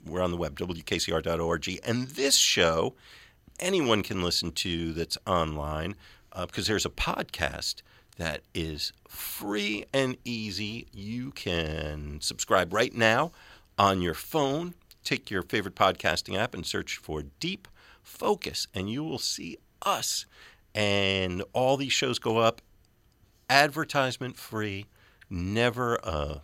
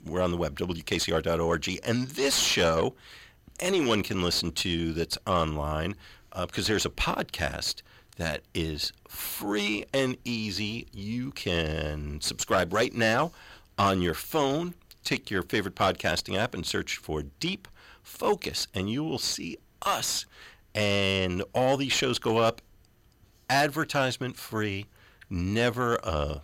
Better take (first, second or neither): first